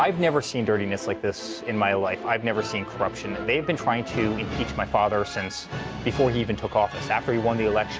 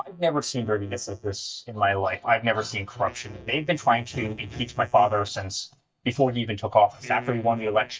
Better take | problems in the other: first | noise reduction (neural mask model DeepFilterNet 3)

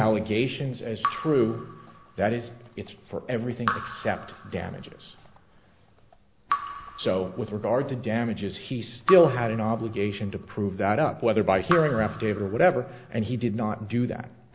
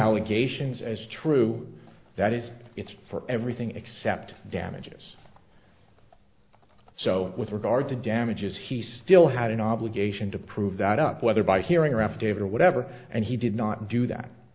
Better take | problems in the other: second | background sound (Raindrop / Drip); 11 dB below the speech

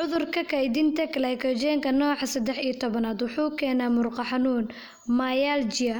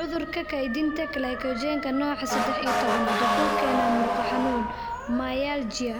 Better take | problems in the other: first | background sound (Motor vehicle (road) / Siren); as loud as the speech

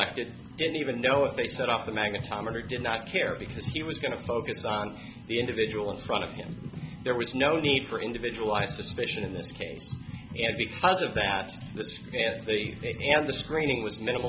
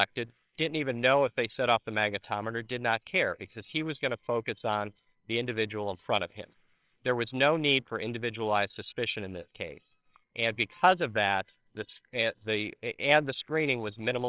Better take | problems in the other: first | noise reduction (neural separator model SepFormer WHAMR!)

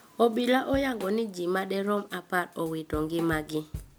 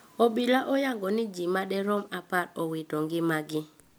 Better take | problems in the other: second | background sound (Drum / Drum kit); 16 dB below the speech

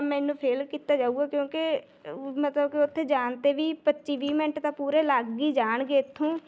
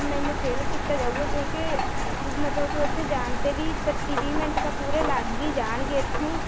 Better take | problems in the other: first | background sound (Rain); 4 dB above the speech

